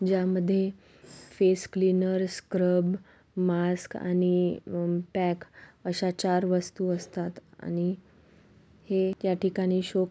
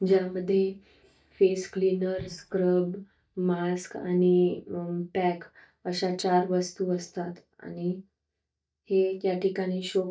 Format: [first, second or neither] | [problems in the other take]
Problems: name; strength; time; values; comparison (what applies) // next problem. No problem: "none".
first | noise reduction (neural mask model DeepFilterNet 3)